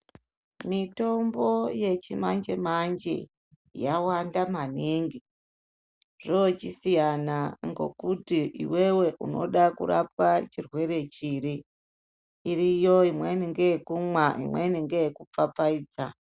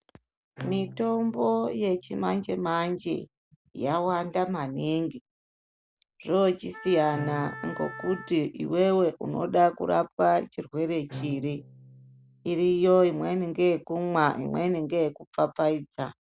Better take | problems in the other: first | background sound (Wind instrument, woodwind instrument + Bowed string instrument); 17 dB below the speech

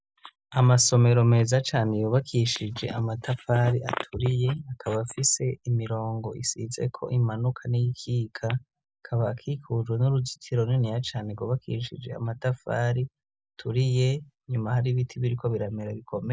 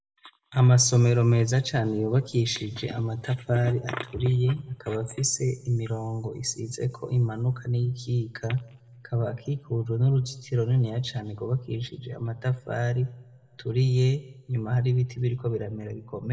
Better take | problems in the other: first | room echo; dies away in 0.7 s

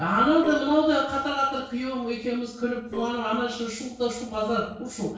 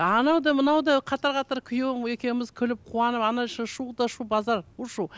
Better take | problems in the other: second | noise reduction (neural separator model SepFormer DNS4)

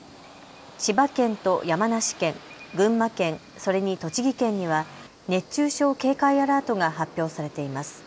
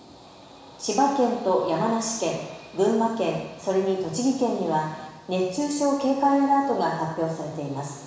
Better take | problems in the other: first | room echo; dies away in 1 s

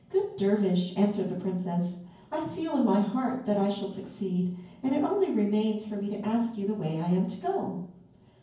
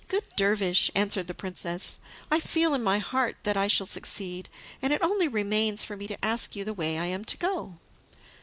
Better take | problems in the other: second | room echo; dies away in 0.9 s

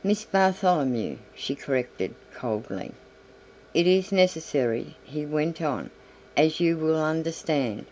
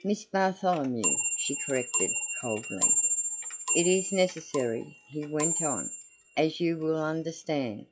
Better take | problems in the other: first | noise reduction (classical method log-MMSE)

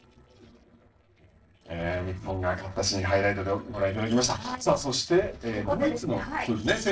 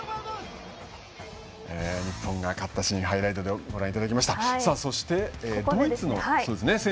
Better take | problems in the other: second | noise reduction (neural separator model SepFormer DNS4)

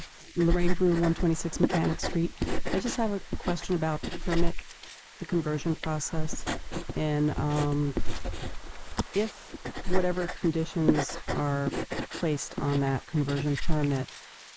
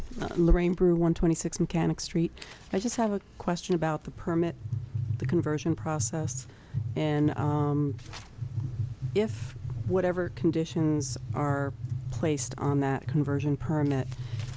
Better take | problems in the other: second | noise reduction (neural mask model Resemble Enhance denoiser)

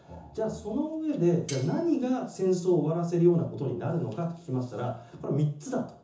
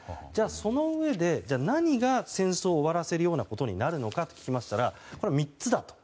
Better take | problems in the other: second | background sound (Cutlery, silverware); 18 dB below the speech // room echo; dies away in 0.6 s

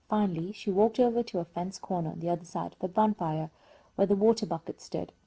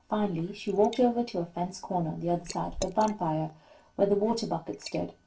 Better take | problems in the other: first | background sound (Liquid); 17 dB below the speech // room echo; dies away in 0.2 s

